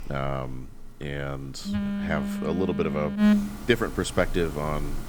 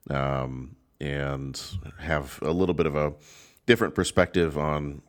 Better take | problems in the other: second | alarms or sirens; very loud; throughout; as loud as the speech

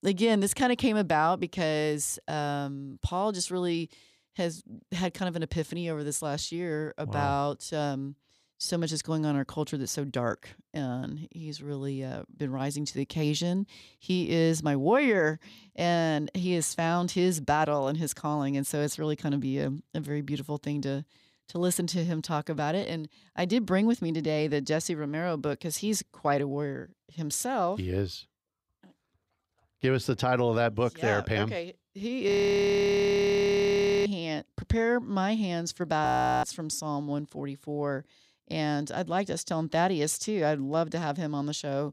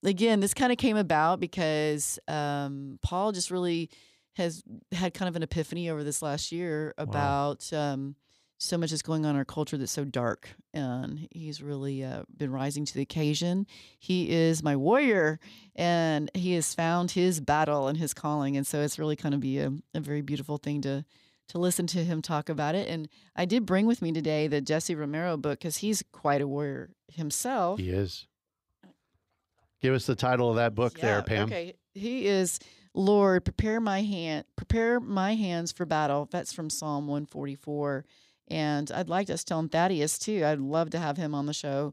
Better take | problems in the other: second | audio freezing; at 32 s for 2 s and at 36 s

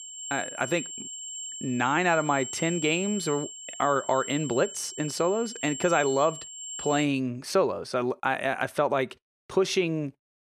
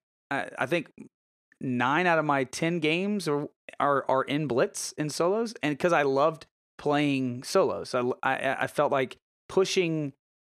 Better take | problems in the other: second | high-pitched whine; loud; until 7 s; 7.5 kHz, 9 dB below the speech

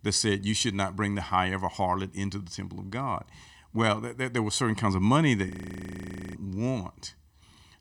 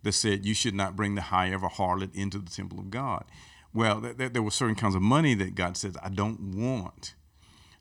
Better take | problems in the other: second | audio freezing; at 5.5 s for 1 s

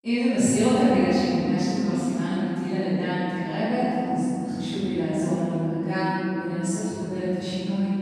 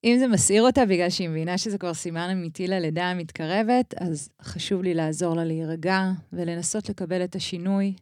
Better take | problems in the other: second | room echo; strong; dies away in 3 s // off-mic speech; far

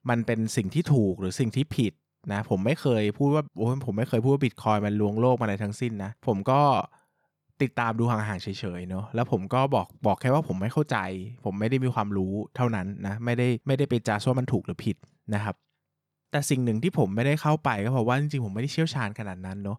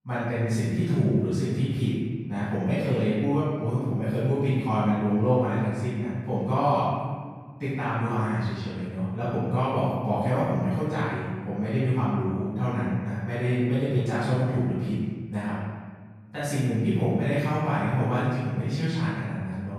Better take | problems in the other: first | off-mic speech; far // room echo; strong; dies away in 1.6 s

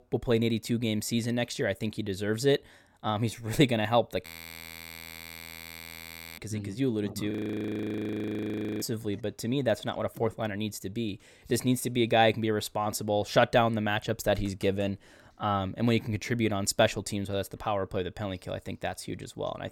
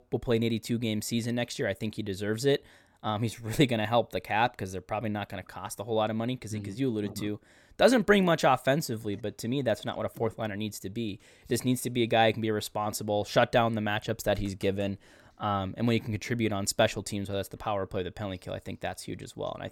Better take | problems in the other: second | audio freezing; at 4.5 s for 2 s and at 7.5 s for 1.5 s

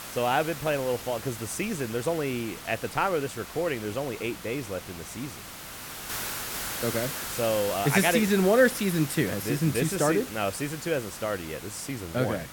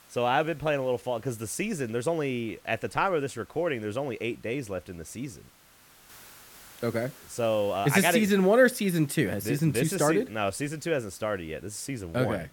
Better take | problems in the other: second | hiss; loud; throughout; 9 dB below the speech; faint in the second

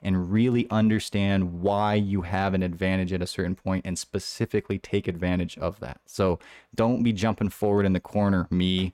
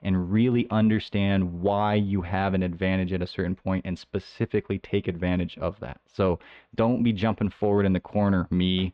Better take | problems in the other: first | muffled; slightly; fading above 3.5 kHz

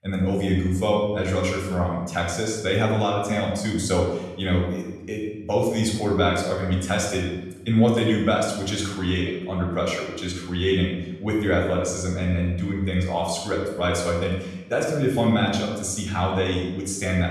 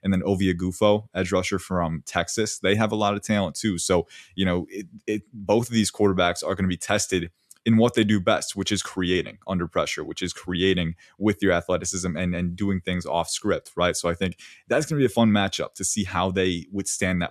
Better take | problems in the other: second | off-mic speech; far // room echo; noticeable; dies away in 0.9 s

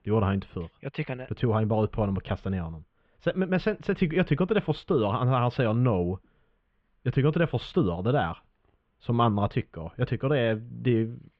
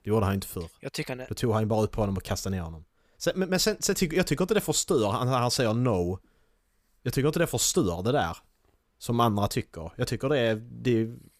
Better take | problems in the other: second | muffled; very; fading above 3 kHz

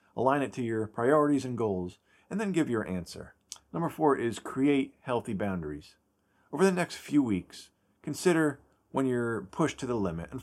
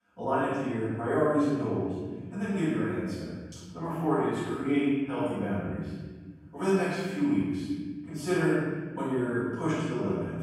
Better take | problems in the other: first | off-mic speech; far // room echo; strong; dies away in 1.7 s

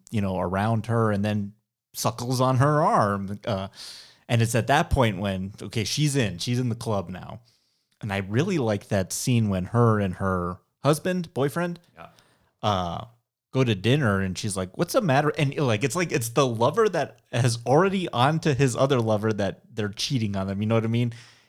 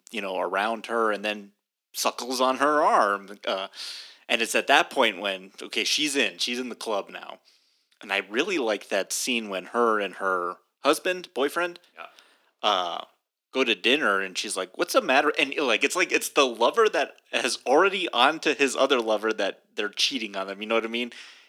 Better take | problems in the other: first | thin; somewhat; fading below 250 Hz

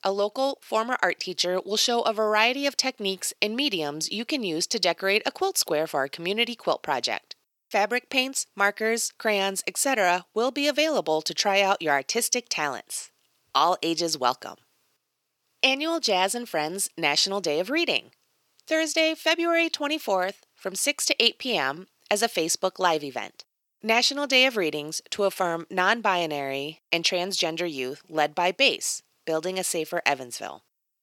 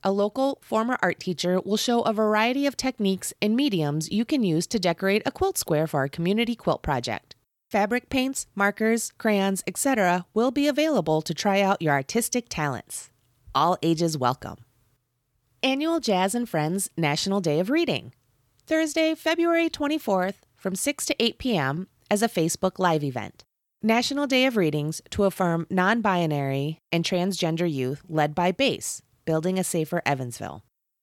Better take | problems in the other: second | thin; somewhat; fading below 400 Hz

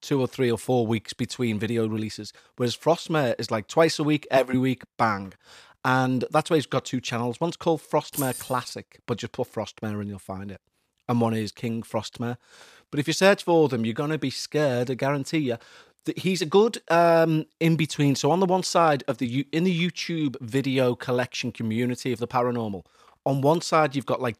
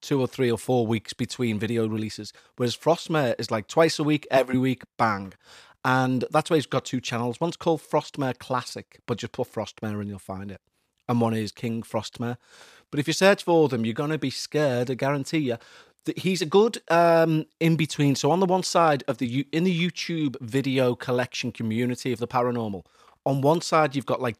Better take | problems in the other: second | jangling keys; noticeable; at 8 s; peak 7 dB below the speech

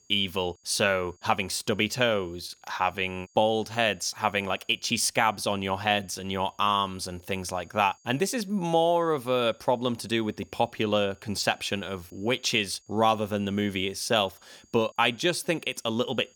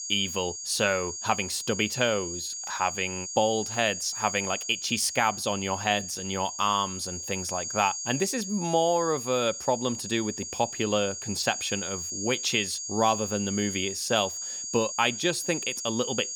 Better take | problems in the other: first | high-pitched whine; loud; throughout; 6.5 kHz, 5 dB below the speech; faint in the first

